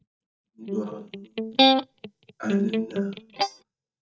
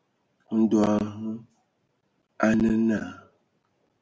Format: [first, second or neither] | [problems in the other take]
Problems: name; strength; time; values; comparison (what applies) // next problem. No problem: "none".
second | noise reduction (neural mask model DeepFilterNet 3)